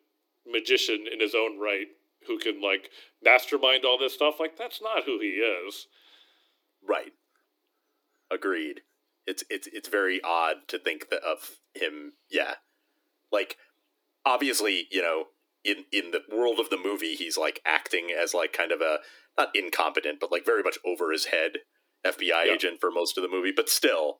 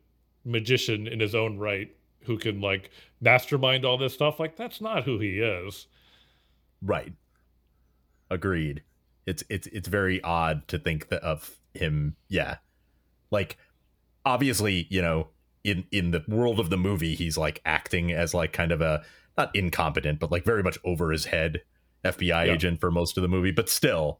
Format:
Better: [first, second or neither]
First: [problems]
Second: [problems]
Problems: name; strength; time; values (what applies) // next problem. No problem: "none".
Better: second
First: thin; somewhat; fading below 300 Hz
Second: none